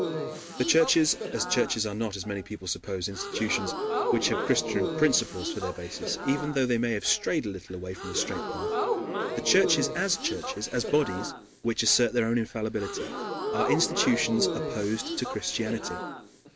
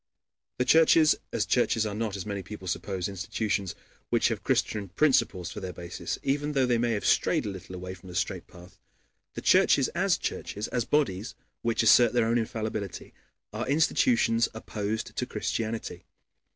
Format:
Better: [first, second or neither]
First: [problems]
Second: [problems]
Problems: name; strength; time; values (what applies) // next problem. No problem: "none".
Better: second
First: background sound (Crowd / Gasp); 4 dB below the speech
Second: none